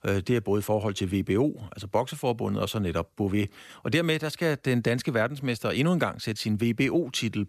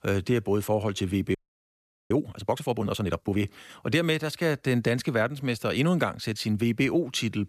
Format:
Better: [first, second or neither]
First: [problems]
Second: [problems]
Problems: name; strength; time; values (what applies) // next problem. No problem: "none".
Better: first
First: none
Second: audio freezing; at 1.5 s for 1 s